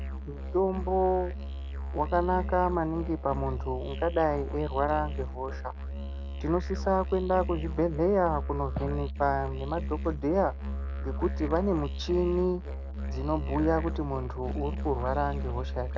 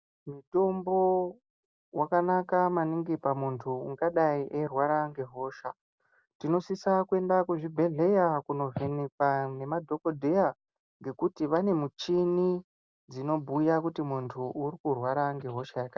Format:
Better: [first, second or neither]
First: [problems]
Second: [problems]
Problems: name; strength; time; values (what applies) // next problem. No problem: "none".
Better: second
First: background sound (Musical instrument); 4 dB below the speech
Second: none